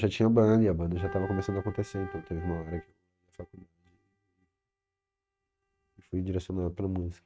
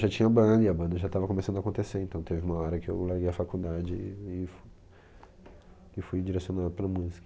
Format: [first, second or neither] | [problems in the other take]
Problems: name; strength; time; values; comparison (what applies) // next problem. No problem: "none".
second | noise reduction (neural mask model RNNoise)